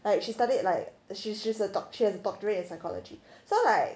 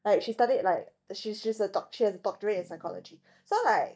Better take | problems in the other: first | noise reduction (neural mask model DeepFilterNet 3)

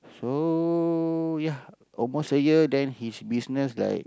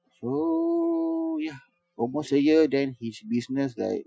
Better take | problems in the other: first | noise reduction (classical method Wiener filter)

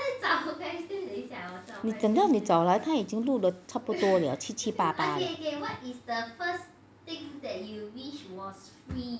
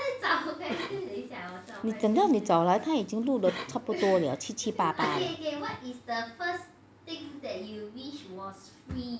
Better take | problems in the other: first | background sound (Cough); 13 dB below the speech

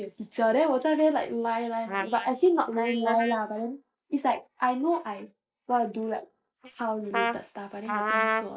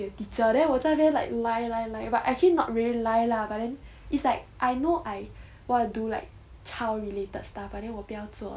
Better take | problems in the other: second | noise reduction (neural mask model Resemble Enhance denoiser)

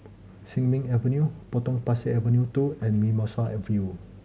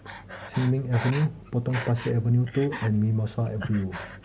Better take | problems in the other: first | background sound (Breathing); 14 dB below the speech

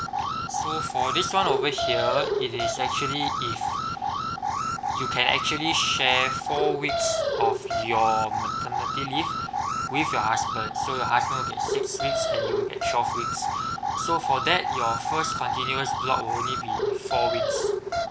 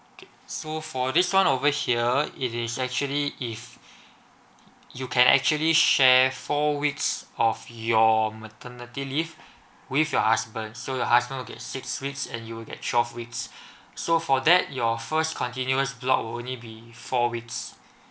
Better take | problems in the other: second | background sound (Alarm); 1 dB above the speech

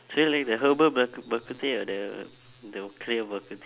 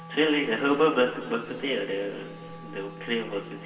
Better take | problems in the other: first | background sound (Wind instrument, woodwind instrument); 17 dB below the speech // room echo; dies away in 2.7 s

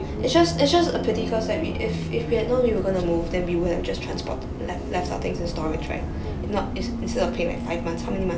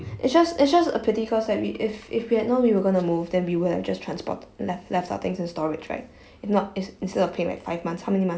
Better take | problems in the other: second | background sound (Bus); 4 dB below the speech // room echo; dies away in 0.2 s

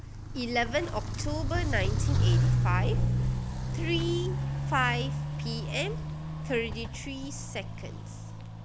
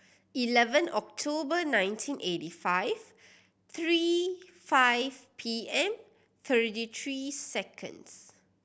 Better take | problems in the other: second | background sound (Walk, footsteps); 5 dB above the speech

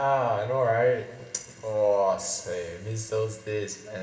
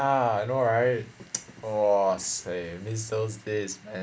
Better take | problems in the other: second | room echo; dies away in 1.3 s

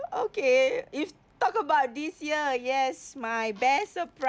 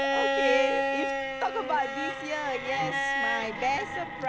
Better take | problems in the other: first | background sound (Bowed string instrument); 2 dB above the speech

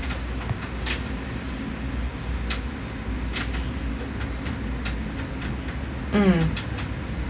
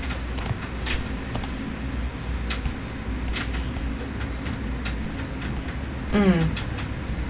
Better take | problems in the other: first | background sound (Computer keyboard); 11 dB below the speech

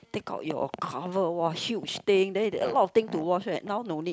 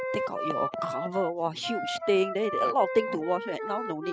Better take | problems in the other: first | noise reduction (classical method spectral subtraction)

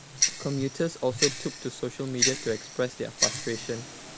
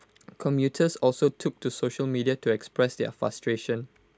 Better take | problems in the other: second | background sound (Tick-tock); as loud as the speech

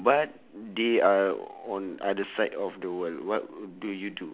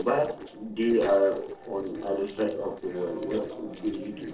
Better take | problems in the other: first | noise reduction (neural separator model SepFormer DNS4)

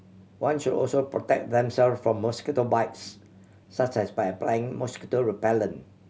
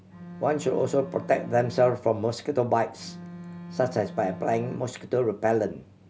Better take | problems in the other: first | background sound (Bowed string instrument); 14 dB below the speech

